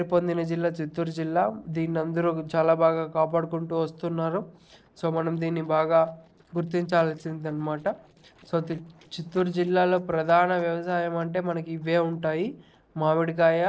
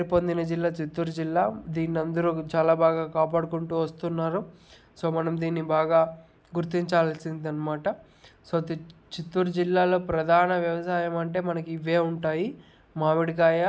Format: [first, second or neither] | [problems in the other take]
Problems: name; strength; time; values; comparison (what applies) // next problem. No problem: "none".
second | noise reduction (neural separator model SepFormer DNS4)